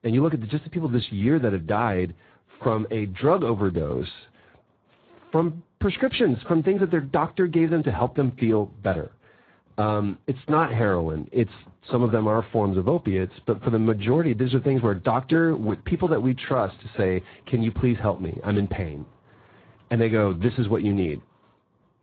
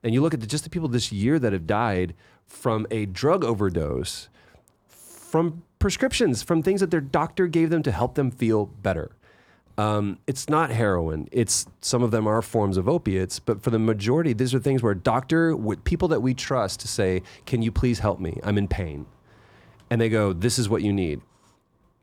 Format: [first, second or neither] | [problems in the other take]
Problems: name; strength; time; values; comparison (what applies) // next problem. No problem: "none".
second | garbled, watery; badly; nothing above 4 kHz